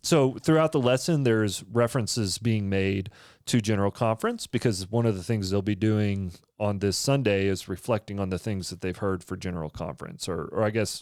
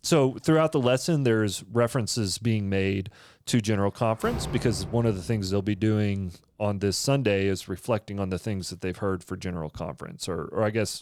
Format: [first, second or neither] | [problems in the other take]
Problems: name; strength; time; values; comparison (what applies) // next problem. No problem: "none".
first | door banging; noticeable; from 4 to 5.5 s; peak 7 dB below the speech